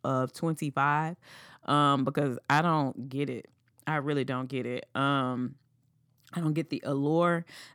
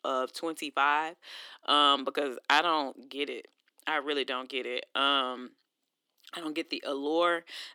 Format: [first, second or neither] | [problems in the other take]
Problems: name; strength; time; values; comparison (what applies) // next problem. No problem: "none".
first | thin; somewhat; fading below 300 Hz